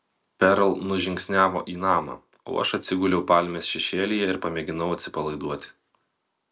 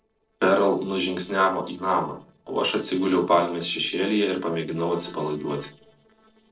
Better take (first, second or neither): first